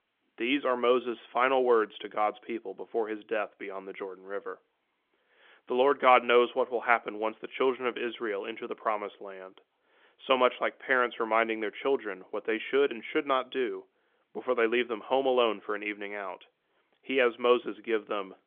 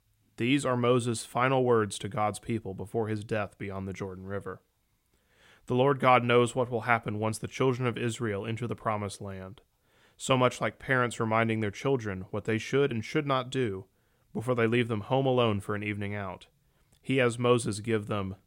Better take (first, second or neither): second